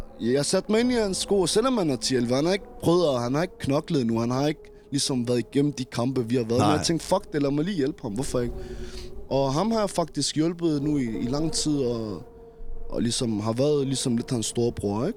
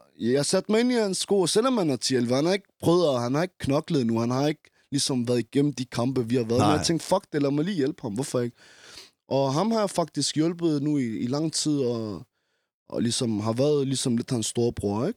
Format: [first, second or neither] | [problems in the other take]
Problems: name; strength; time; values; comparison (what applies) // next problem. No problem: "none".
second | wind noise on the microphone; occasional gusts; 20 dB below the speech